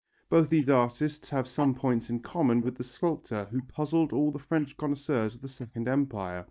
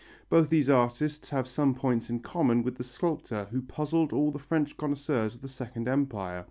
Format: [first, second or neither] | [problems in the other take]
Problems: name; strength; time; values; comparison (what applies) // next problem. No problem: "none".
second | noise reduction (neural mask model DeepFilterNet 3)